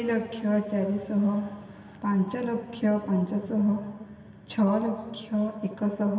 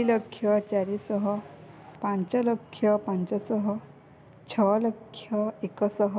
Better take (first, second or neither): second